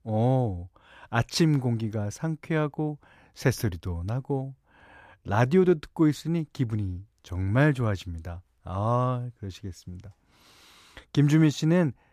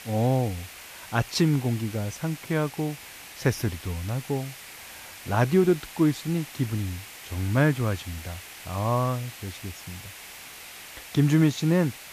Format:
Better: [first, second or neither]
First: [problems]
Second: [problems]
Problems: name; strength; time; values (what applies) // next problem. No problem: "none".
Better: first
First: none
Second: hiss; noticeable; throughout; 15 dB below the speech